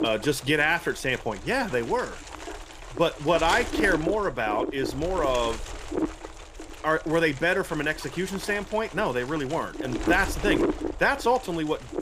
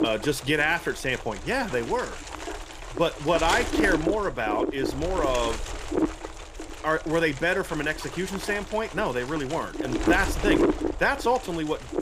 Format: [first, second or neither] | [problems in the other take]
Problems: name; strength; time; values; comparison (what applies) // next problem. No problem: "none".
first | wind noise on the microphone; heavy; 7 dB below the speech; occasional gusts in the first